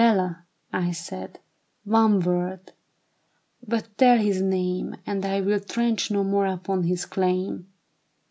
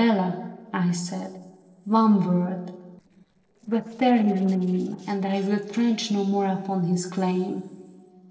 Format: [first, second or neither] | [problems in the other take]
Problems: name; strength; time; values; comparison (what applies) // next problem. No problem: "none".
first | noise reduction (neural separator model SepFormer DNS4)